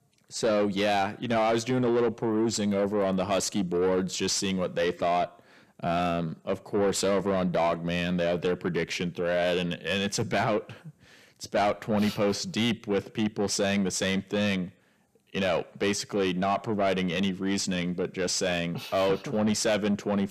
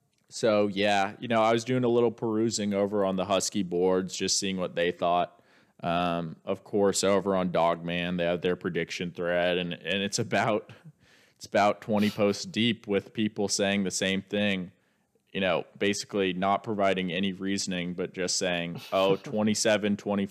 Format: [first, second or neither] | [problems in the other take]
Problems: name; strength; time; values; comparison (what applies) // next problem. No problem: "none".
second | distortion; slight; 10 dB below the speech